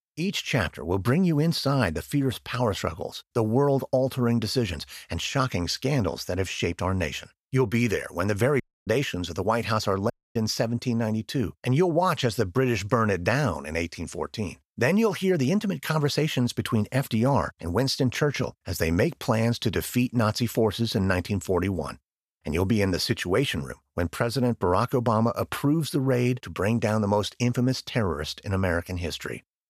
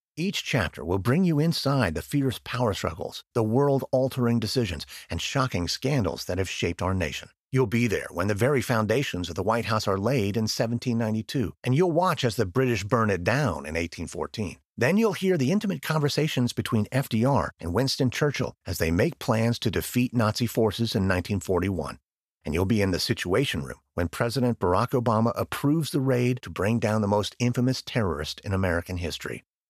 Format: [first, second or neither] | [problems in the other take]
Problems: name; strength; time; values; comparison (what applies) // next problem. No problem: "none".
second | audio cutting out; at 8.5 s and at 10 s